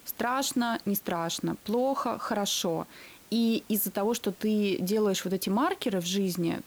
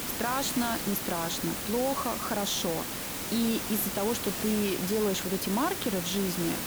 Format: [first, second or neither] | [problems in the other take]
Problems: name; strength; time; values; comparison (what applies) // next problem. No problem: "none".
first | hiss; loud; throughout; 2 dB below the speech; faint in the first